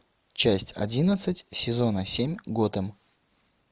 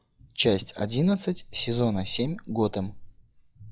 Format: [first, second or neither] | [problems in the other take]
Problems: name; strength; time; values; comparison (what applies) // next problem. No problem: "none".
first | noise reduction (classical method log-MMSE)